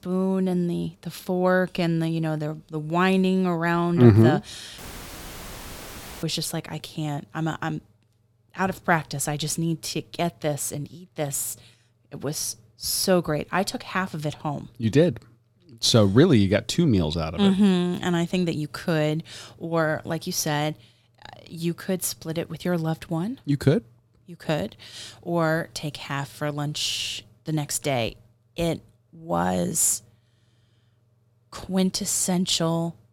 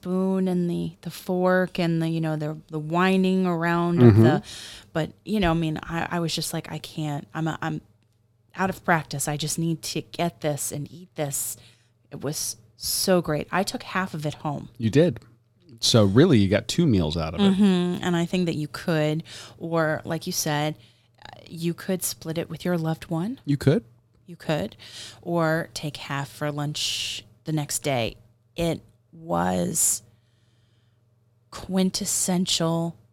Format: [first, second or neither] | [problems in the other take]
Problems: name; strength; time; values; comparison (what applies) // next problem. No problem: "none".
second | audio cutting out; filled with static; at 5 s for 1.5 s